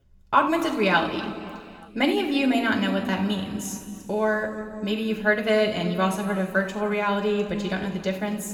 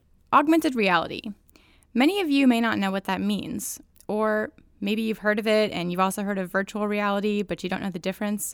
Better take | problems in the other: second | room echo; noticeable; dies away in 2.1 s // off-mic speech; somewhat distant

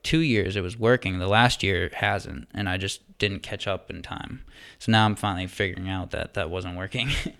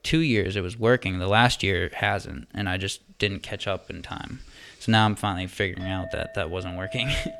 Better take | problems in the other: first | household noises; noticeable; throughout; 15 dB below the speech

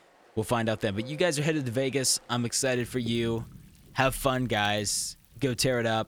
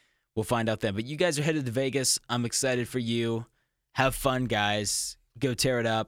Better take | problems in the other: second | rain or running water; faint; throughout; 25 dB below the speech

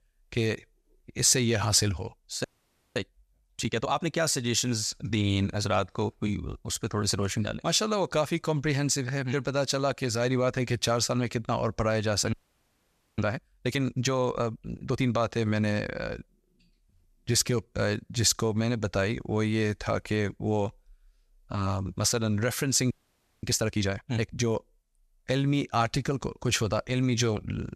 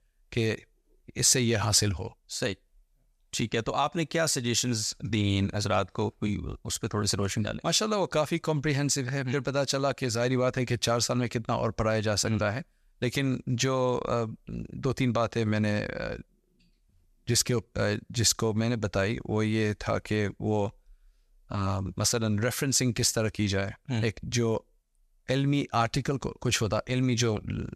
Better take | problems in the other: second | audio freezing; at 2.5 s for 0.5 s, at 12 s for 1 s and at 23 s for 0.5 s

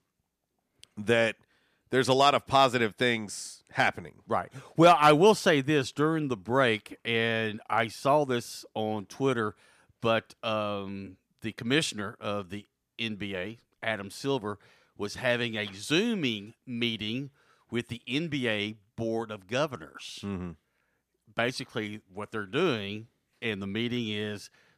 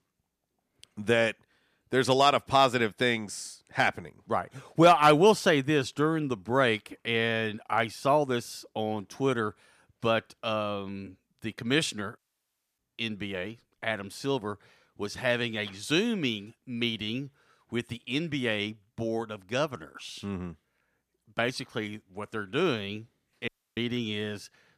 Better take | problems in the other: first | audio cutting out; at 12 s for 0.5 s and at 23 s

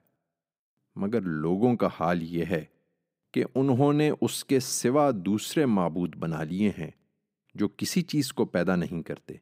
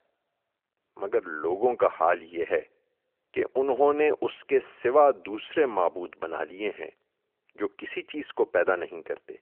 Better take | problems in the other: first | phone-call audio; nothing above 3 kHz

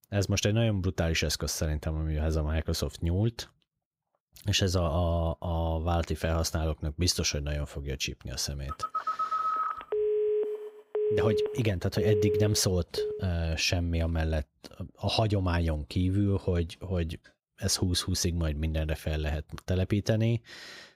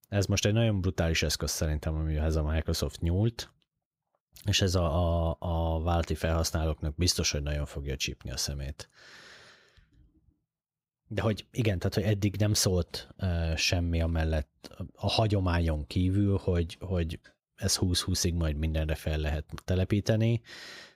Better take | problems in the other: second | phone ringing; loud; from 8.5 to 13 s; peak 2 dB above the speech

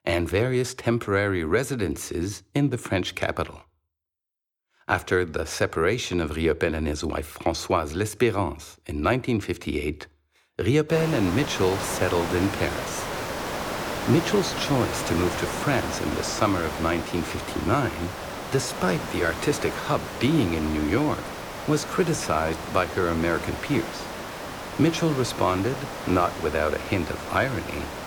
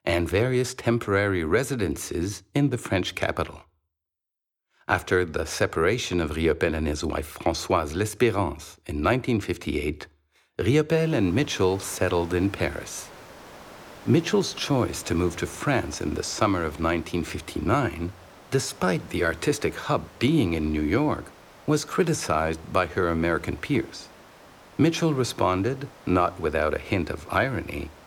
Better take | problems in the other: second | hiss; loud; from 11 s on; 7 dB below the speech; faint in the second

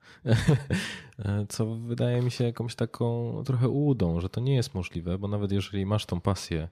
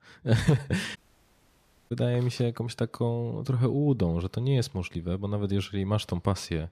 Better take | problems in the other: first | audio cutting out; at 1 s for 1 s

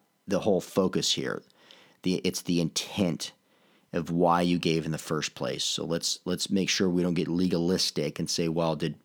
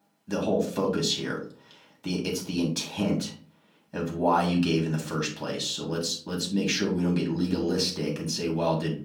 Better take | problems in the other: first | off-mic speech; far // room echo; slight; dies away in 0.4 s

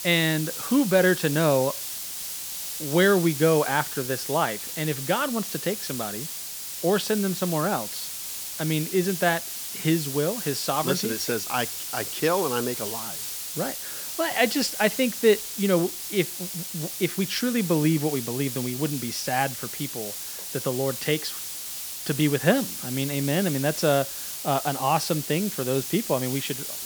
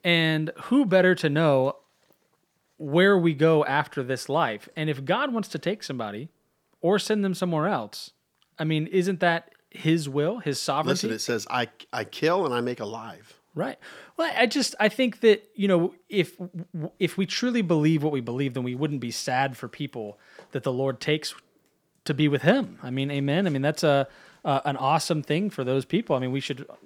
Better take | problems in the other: second | hiss; loud; throughout; 6 dB below the speech

